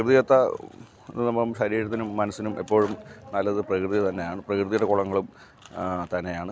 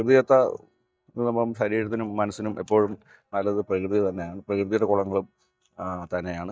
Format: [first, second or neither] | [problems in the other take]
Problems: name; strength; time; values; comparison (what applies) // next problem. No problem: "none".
first | noise reduction (neural mask model DeepFilterNet 3)